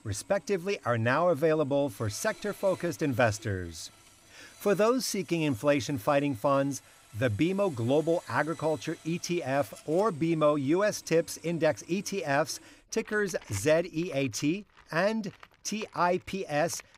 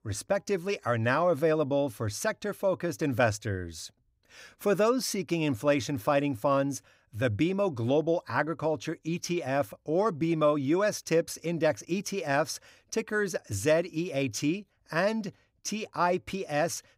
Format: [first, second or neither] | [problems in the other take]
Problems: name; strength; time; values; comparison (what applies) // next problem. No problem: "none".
second | machinery noise; faint; throughout; 25 dB below the speech